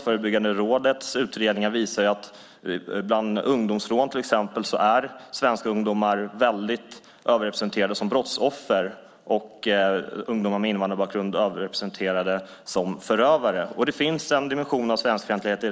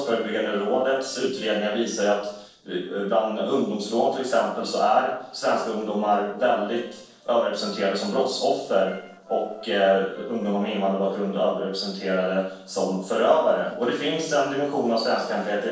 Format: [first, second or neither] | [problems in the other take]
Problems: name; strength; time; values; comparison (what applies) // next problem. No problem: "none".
first | noise reduction (neural separator model SepFormer DNS4)